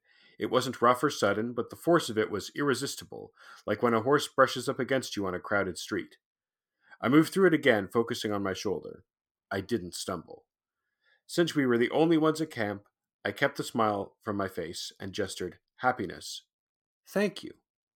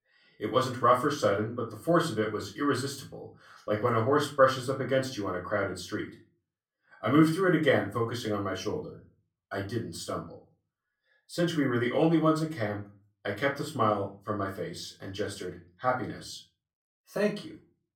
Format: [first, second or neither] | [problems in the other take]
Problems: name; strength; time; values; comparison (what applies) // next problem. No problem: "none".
first | off-mic speech; far // room echo; slight; dies away in 0.3 s